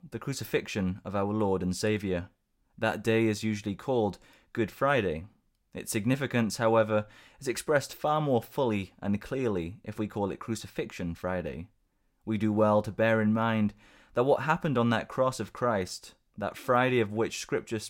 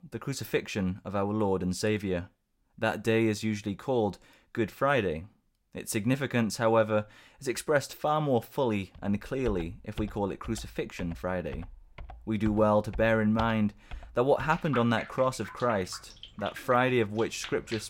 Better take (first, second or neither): first